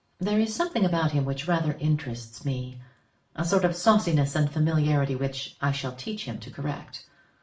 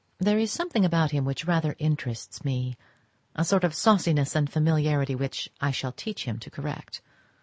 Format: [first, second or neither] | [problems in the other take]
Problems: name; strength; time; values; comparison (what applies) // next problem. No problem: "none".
second | room echo; dies away in 0.4 s